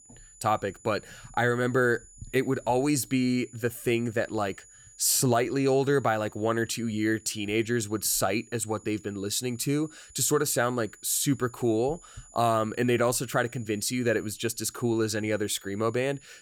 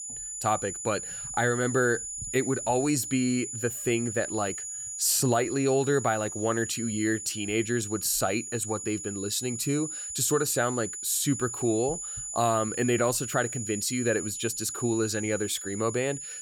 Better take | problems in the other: first | high-pitched whine; loud; throughout; 7 kHz, 6 dB below the speech; faint in the first

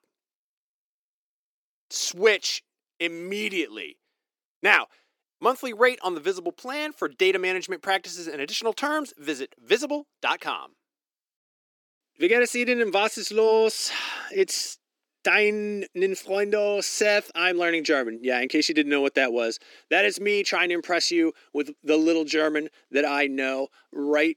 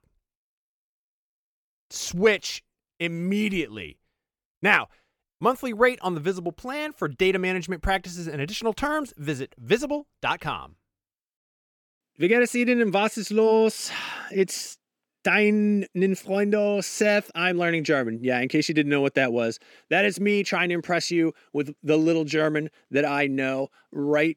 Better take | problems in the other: second | thin; very slightly; fading below 300 Hz

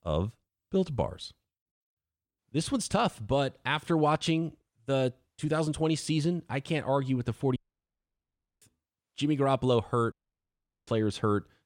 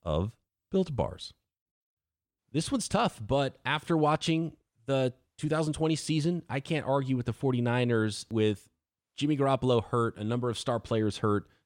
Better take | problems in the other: second | audio cutting out; at 7.5 s for 1 s and at 10 s for 1 s

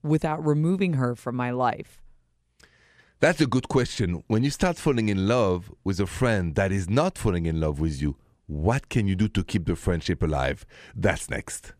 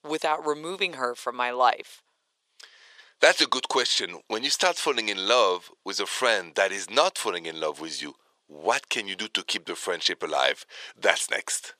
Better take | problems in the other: first | thin; very; fading below 500 Hz

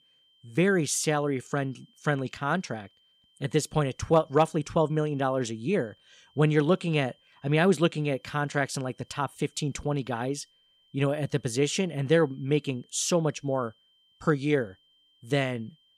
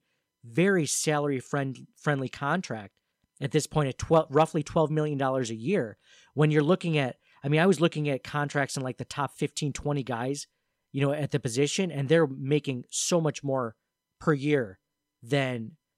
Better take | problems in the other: second | high-pitched whine; faint; throughout; 3 kHz, 35 dB below the speech

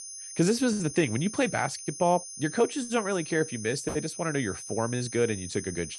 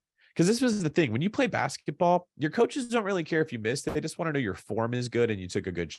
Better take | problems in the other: second | high-pitched whine; loud; throughout; 6 kHz, 10 dB below the speech

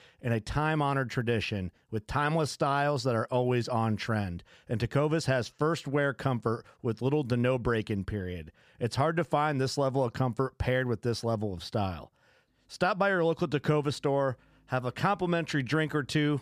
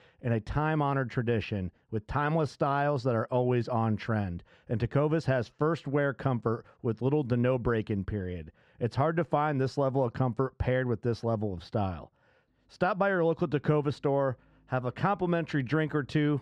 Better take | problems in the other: first | muffled; slightly; fading above 1.5 kHz

